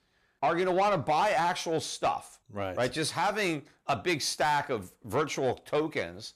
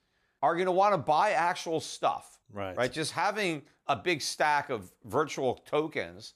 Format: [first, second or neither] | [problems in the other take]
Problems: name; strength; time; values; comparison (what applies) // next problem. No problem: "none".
second | distortion; slight; 10 dB below the speech